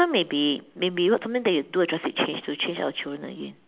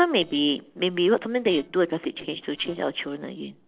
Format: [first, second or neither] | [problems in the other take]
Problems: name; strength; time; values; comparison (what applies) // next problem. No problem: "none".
first | noise reduction (neural separator model SepFormer DNS4)